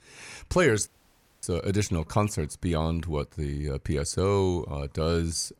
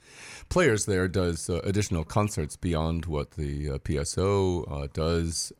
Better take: second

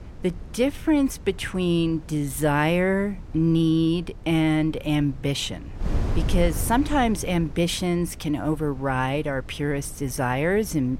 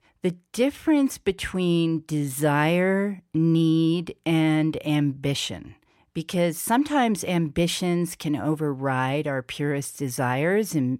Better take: second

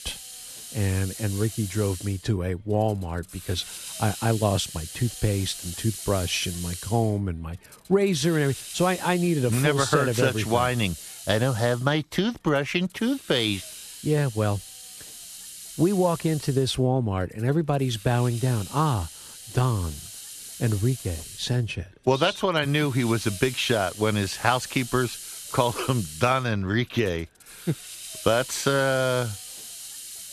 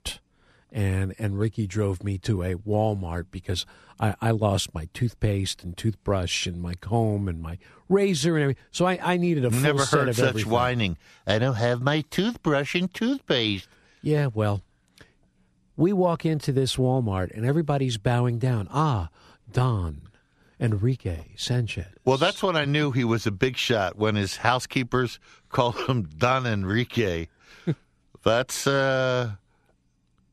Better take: second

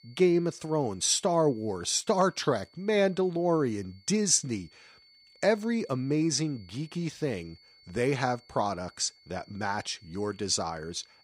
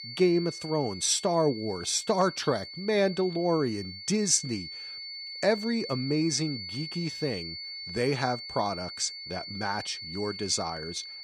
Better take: first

